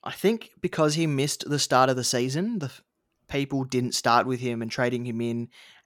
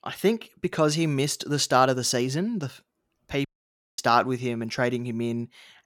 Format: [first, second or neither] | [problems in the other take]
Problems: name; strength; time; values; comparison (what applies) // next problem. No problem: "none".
first | audio cutting out; at 3.5 s for 0.5 s